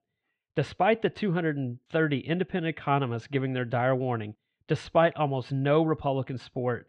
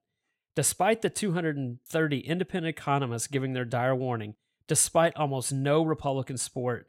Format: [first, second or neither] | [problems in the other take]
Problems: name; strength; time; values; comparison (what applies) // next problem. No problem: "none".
second | muffled; very; fading above 3.5 kHz